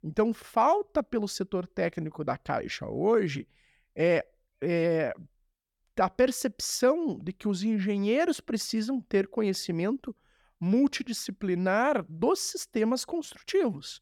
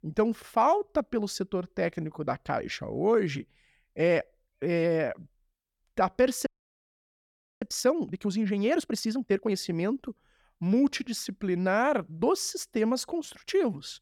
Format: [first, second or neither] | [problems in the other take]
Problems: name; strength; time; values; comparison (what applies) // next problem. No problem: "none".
first | audio freezing; at 6.5 s for 1 s